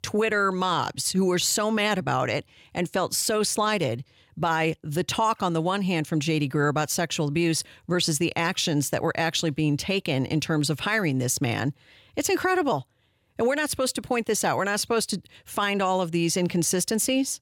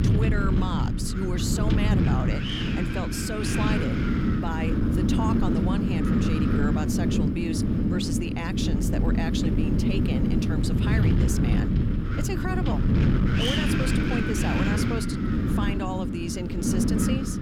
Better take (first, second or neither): first